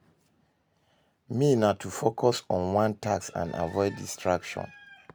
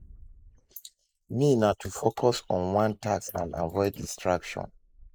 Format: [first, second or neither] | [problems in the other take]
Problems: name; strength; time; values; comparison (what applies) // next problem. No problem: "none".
first | noise reduction (neural mask model Resemble Enhance denoiser)